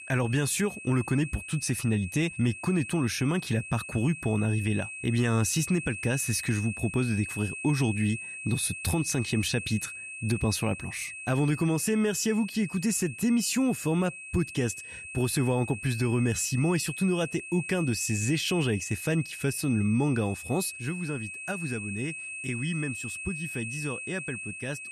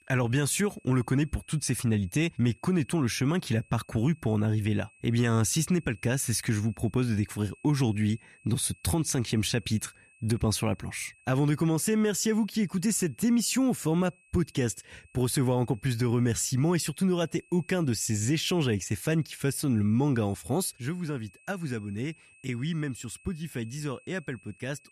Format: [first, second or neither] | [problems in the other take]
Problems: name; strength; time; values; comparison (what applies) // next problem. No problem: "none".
second | high-pitched whine; loud; throughout; 2.5 kHz, 9 dB below the speech; faint in the second